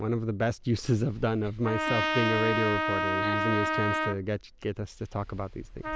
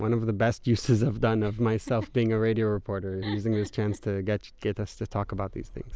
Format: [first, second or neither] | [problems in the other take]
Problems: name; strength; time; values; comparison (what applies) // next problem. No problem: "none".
second | background sound (Trumpet); 2 dB below the speech